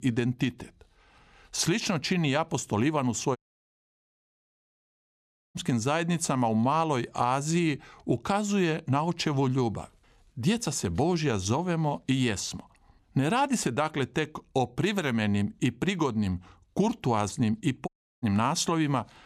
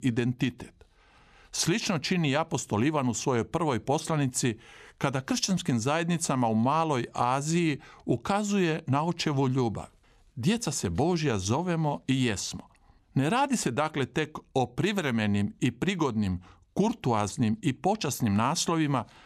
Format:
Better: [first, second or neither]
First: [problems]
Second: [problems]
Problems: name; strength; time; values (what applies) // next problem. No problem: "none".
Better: second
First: audio cutting out; at 3.5 s for 2 s and at 18 s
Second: none